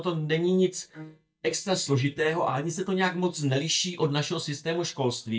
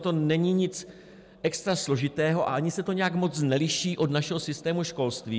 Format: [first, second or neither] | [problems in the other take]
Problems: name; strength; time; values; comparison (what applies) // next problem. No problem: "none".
second | noise reduction (neural mask model DeepFilterNet 3)